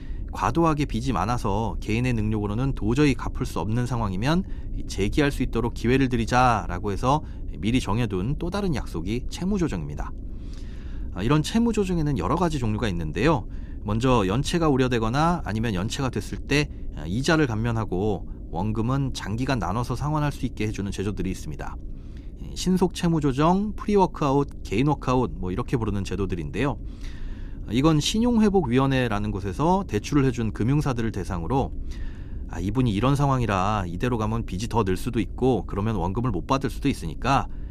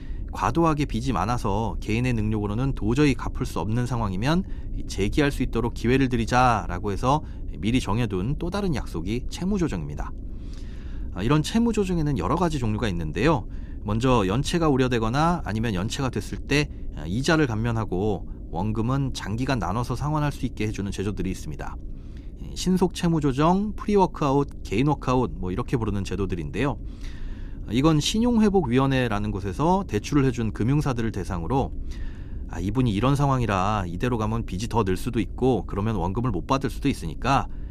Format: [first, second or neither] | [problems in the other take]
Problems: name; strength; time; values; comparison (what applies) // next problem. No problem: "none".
neither | low rumble; faint; throughout; 25 dB below the speech; the same in both